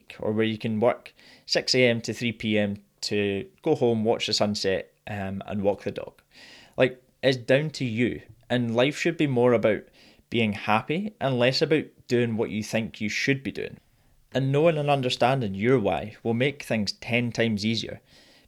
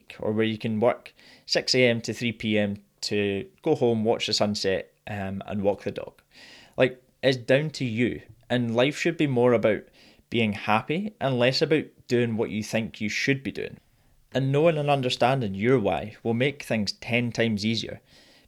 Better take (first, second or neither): neither